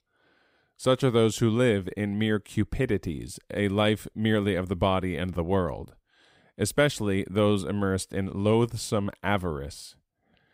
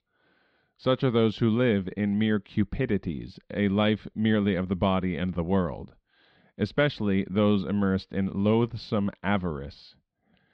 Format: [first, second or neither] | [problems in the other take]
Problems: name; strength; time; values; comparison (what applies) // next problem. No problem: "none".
first | muffled; very slightly; fading above 4.5 kHz